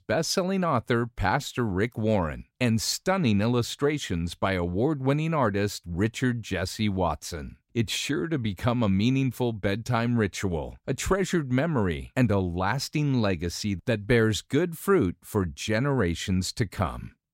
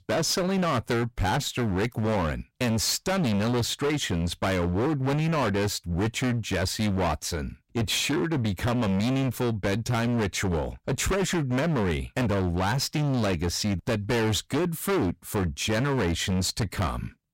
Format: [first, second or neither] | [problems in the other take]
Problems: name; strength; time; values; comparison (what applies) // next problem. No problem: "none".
first | distortion; heavy; 29% of the sound clipped